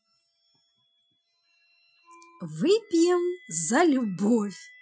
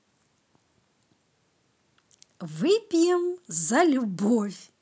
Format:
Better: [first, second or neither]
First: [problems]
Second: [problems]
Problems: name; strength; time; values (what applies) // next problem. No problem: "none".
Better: second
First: noise reduction (classical method Wiener filter)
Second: none